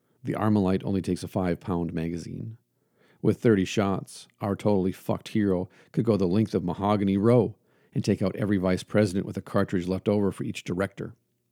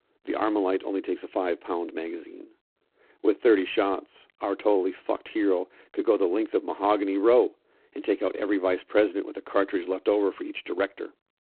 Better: first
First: none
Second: phone-call audio; poor line; nothing above 3.5 kHz

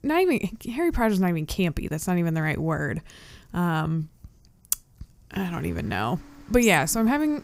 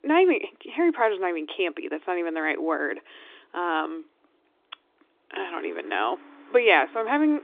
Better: first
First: none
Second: phone-call audio

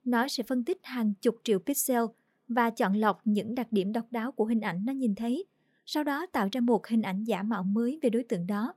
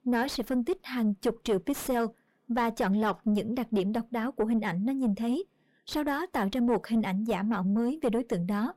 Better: first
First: none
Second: distortion; slight; 9 dB below the speech

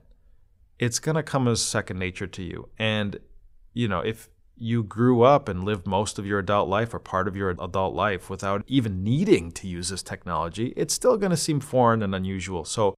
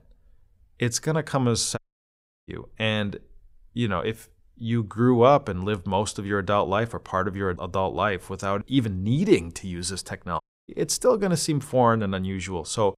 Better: first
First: none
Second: audio cutting out; at 2 s for 0.5 s and at 10 s

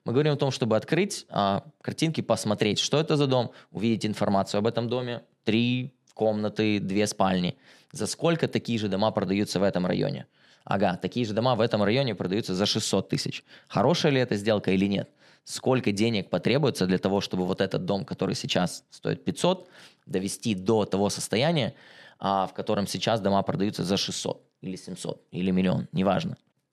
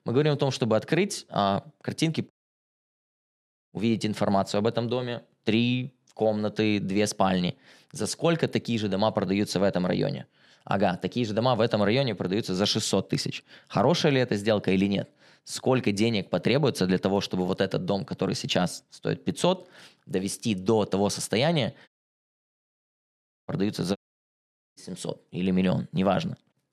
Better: first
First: none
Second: audio cutting out; at 2.5 s for 1.5 s, at 22 s for 1.5 s and at 24 s for 1 s

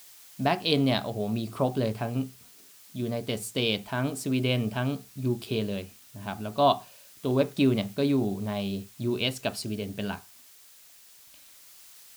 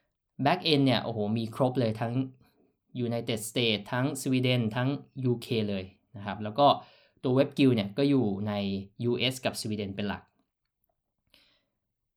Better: second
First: hiss; faint; throughout; 20 dB below the speech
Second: none

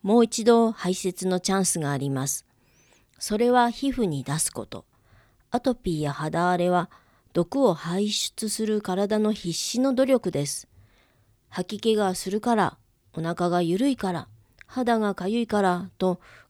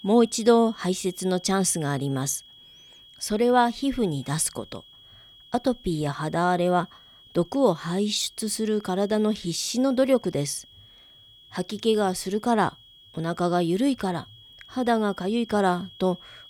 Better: first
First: none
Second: high-pitched whine; faint; throughout; 3.5 kHz, 25 dB below the speech

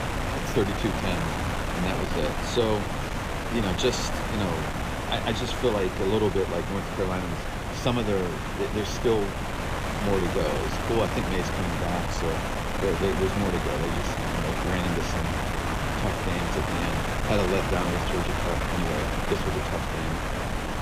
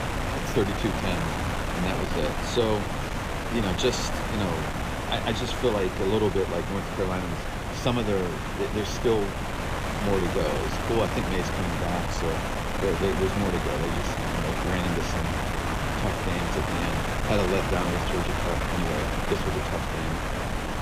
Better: neither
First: wind noise on the microphone; heavy; 1 dB above the speech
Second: wind noise on the microphone; heavy; 1 dB above the speech

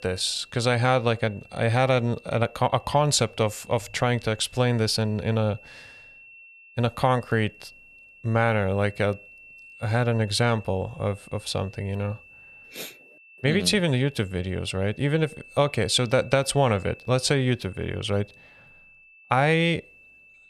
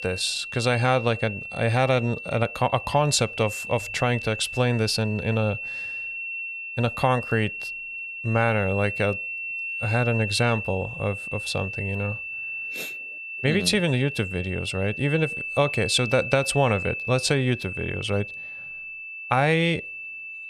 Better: first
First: high-pitched whine; faint; throughout; 2.5 kHz, 25 dB below the speech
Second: high-pitched whine; loud; throughout; 2.5 kHz, 7 dB below the speech

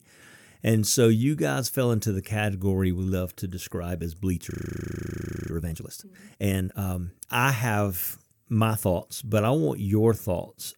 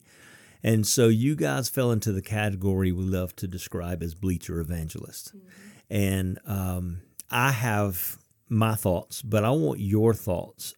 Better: second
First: audio freezing; at 4.5 s for 1 s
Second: none

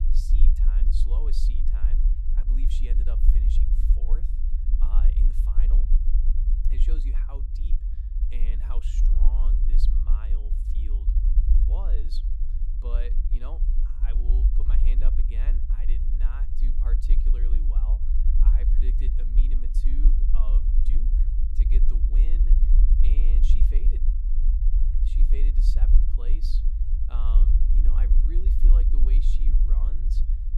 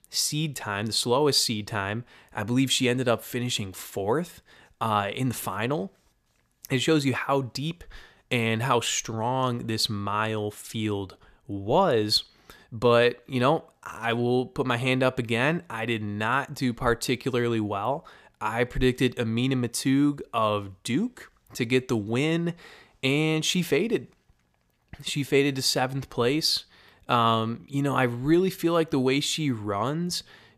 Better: second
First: low rumble; loud; throughout; as loud as the speech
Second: none

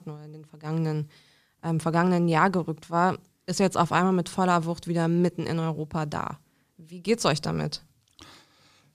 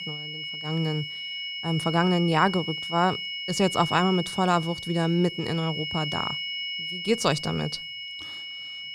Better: first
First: none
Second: high-pitched whine; loud; throughout; 3 kHz, 6 dB below the speech

